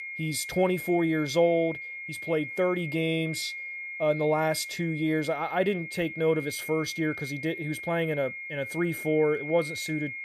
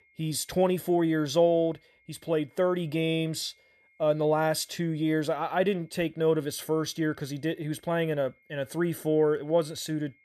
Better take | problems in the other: second | high-pitched whine; loud; throughout; 2 kHz, 8 dB below the speech; faint in the second

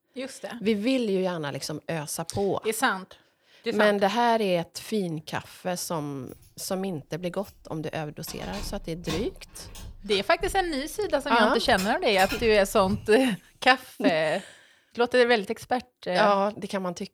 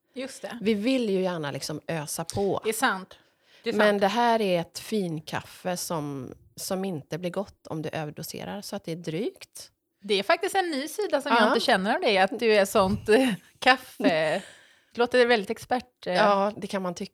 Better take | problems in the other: second | jangling keys; noticeable; from 7.5 to 13 s; peak 7 dB below the speech

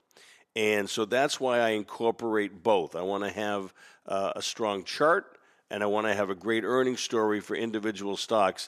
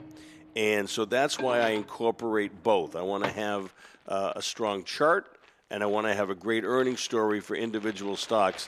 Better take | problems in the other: first | household noises; noticeable; throughout; 15 dB below the speech

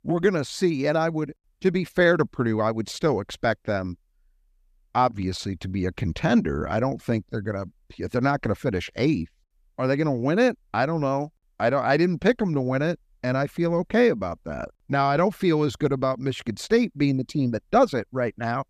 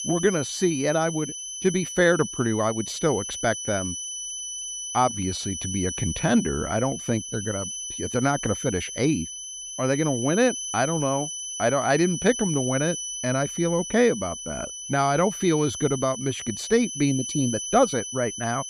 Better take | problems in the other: first | high-pitched whine; loud; throughout; 6 kHz, 6 dB below the speech

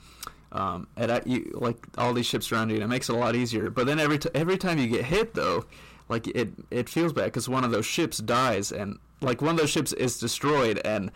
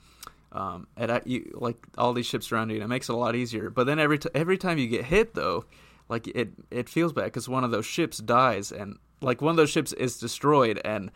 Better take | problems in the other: second | distortion; heavy; 7 dB below the speech

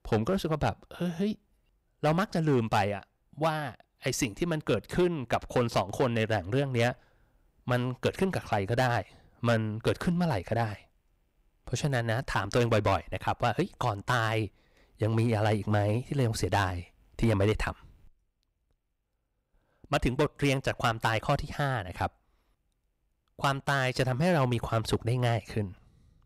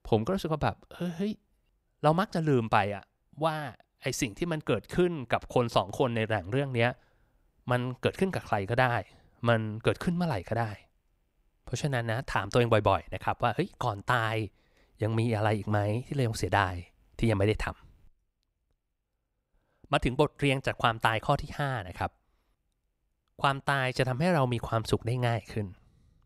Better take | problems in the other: second | distortion; slight; 4% of the sound clipped

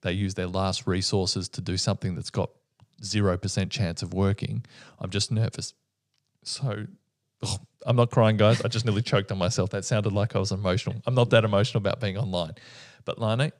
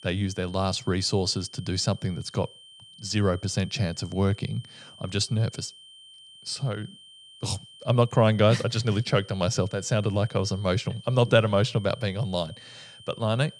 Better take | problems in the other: first | high-pitched whine; faint; throughout; 3 kHz, 20 dB below the speech

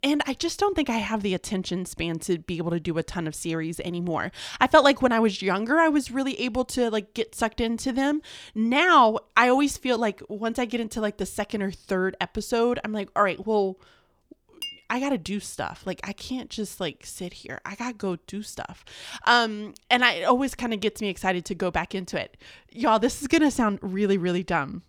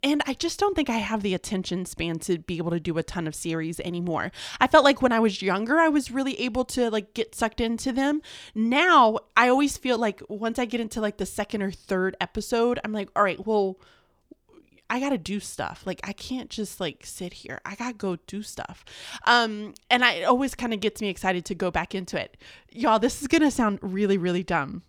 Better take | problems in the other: second | clattering dishes; faint; at 15 s; peak 10 dB below the speech

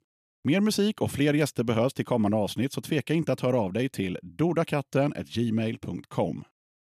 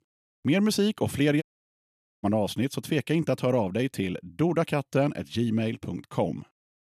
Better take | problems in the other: first | audio cutting out; at 1.5 s for 1 s

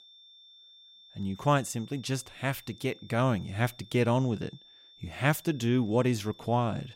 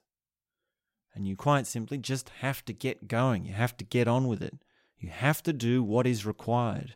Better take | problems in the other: second | high-pitched whine; faint; throughout; 3.5 kHz, 25 dB below the speech

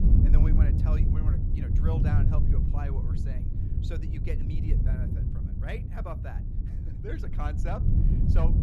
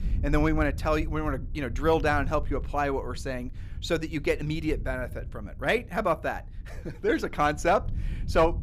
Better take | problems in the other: second | wind noise on the microphone; heavy; as loud as the speech; occasional gusts in the second

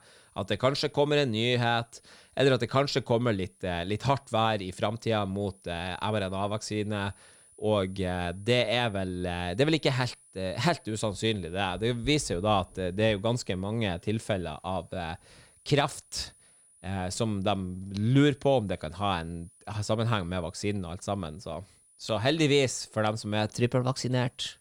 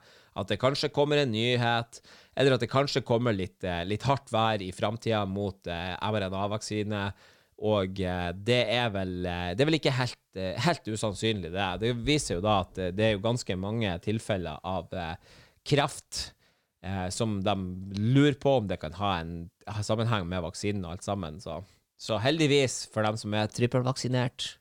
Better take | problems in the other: second | high-pitched whine; faint; throughout; 10 kHz, 30 dB below the speech

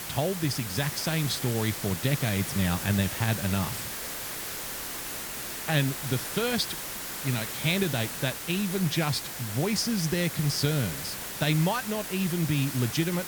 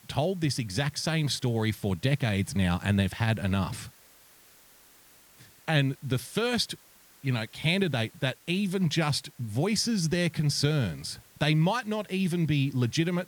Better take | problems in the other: second | hiss; loud; throughout; 5 dB below the speech; faint in the second

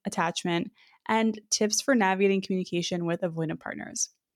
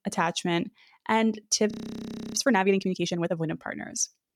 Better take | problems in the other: first | audio freezing; at 1.5 s for 0.5 s

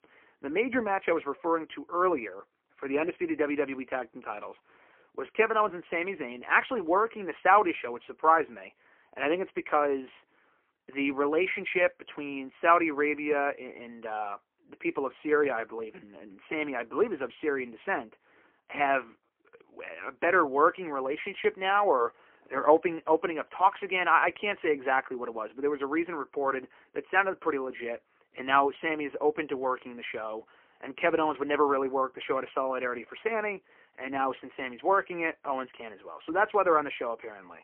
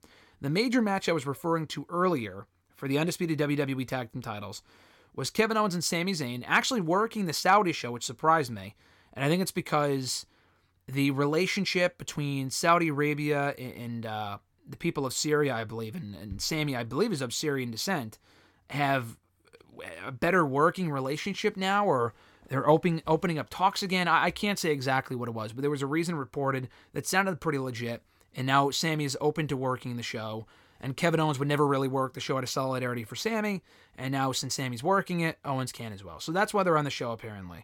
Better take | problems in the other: second | phone-call audio; poor line; nothing above 3 kHz

